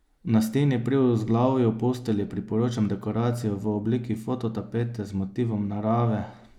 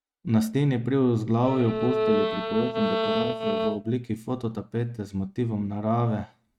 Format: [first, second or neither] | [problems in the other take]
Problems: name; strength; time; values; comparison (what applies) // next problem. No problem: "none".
first | noise reduction (neural mask model RNNoise)